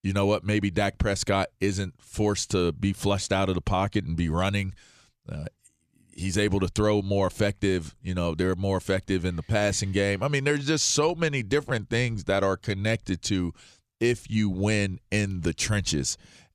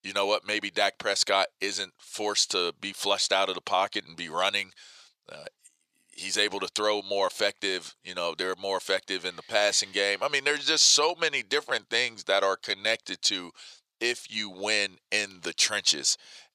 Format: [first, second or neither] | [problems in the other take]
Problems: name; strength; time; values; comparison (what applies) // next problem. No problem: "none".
first | thin; very; fading below 650 Hz